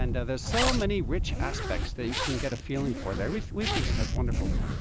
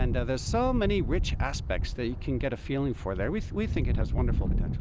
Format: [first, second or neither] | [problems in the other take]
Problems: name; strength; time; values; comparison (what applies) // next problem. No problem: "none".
second | background sound (Zipper (clothing)); 6 dB below the speech